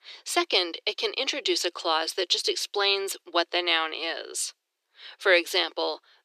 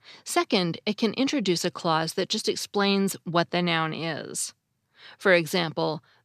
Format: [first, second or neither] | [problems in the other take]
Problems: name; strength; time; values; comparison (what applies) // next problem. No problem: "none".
second | thin; very; fading below 350 Hz